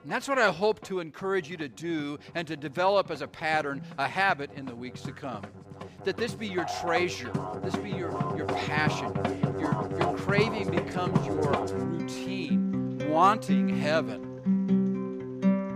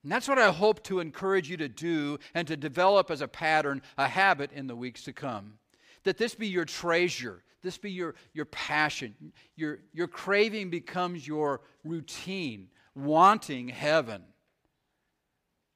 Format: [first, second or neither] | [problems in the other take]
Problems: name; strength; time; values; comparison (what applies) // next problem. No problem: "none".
second | background music; loud; throughout; as loud as the speech